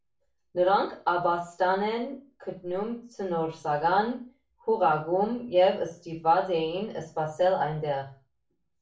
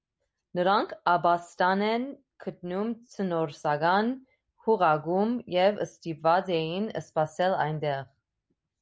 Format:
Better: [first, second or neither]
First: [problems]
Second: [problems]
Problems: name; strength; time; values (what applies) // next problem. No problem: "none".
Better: second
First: room echo; dies away in 0.3 s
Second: none